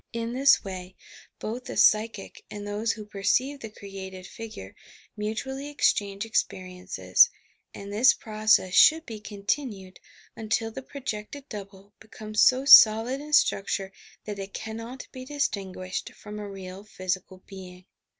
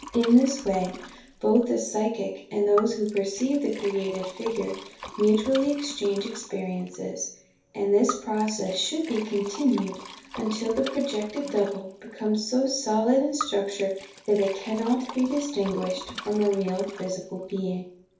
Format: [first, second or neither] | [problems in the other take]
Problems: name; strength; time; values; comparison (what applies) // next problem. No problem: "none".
first | background sound (Liquid); 16 dB below the speech // room echo; dies away in 0.6 s